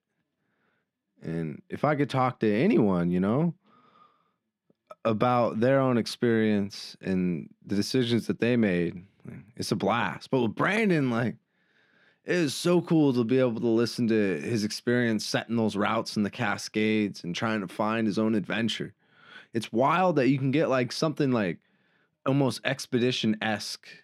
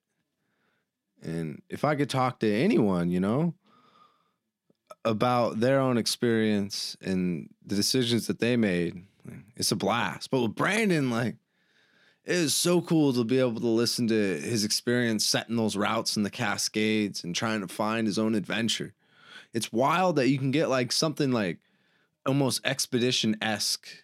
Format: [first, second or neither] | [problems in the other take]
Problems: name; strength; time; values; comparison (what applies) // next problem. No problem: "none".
second | muffled; slightly; fading above 4 kHz